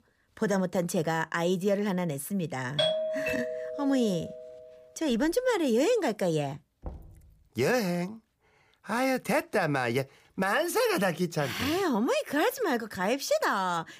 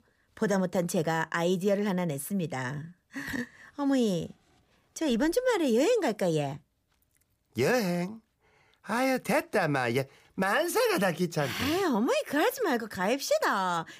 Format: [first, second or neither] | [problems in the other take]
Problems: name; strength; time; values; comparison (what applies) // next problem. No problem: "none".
second | doorbell; loud; from 3 to 4.5 s; peak 1 dB above the speech // door banging; faint; at 7 s; peak 15 dB below the speech